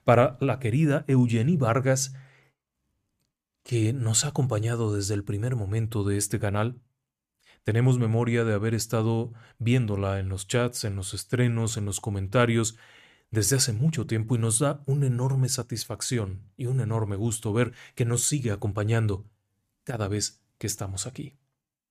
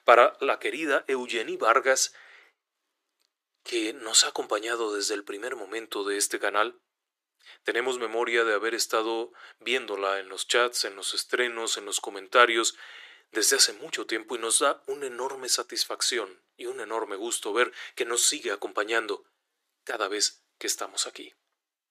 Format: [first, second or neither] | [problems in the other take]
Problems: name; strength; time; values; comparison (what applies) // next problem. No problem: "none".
first | thin; very; fading below 350 Hz